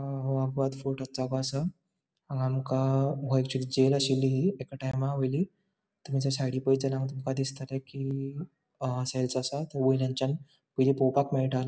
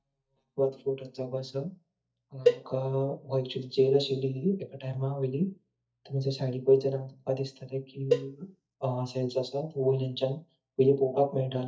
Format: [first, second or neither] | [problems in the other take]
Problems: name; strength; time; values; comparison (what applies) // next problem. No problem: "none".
first | noise reduction (neural mask model DeepFilterNet 3)